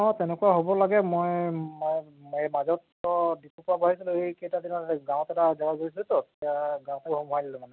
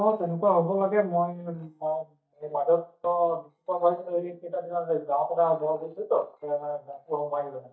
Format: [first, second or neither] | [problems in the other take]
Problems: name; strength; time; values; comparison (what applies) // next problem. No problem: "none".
first | noise reduction (neural mask model DeepFilterNet 3)